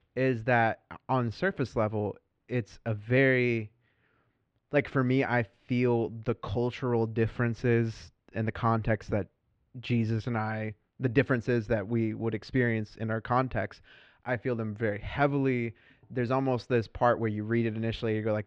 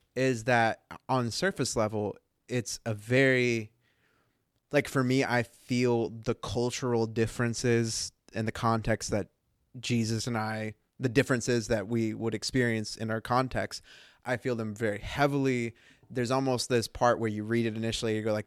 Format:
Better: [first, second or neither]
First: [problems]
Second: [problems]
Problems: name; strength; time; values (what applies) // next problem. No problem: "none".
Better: second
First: muffled; very; fading above 3 kHz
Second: none